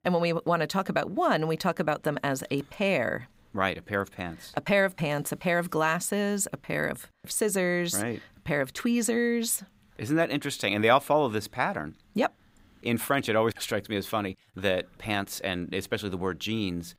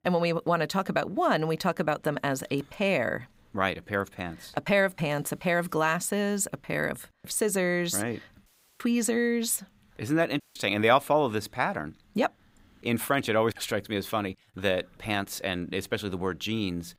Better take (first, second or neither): first